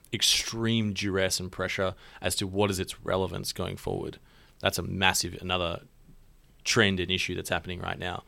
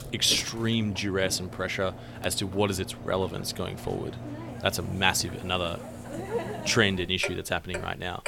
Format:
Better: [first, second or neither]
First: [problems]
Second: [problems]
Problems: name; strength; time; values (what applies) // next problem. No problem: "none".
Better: first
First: none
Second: household noises; noticeable; throughout; 10 dB below the speech